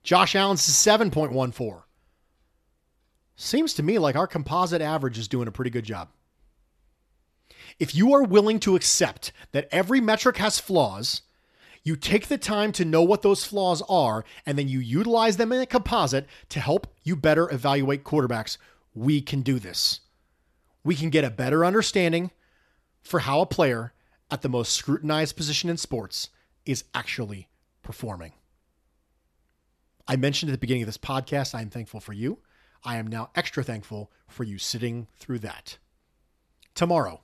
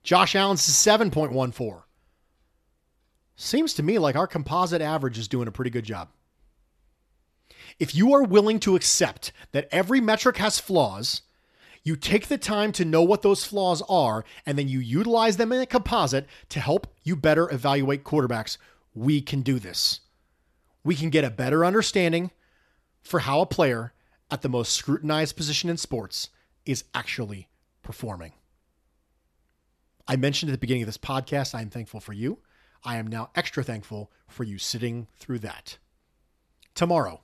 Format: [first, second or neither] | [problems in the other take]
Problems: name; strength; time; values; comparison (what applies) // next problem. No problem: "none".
neither | none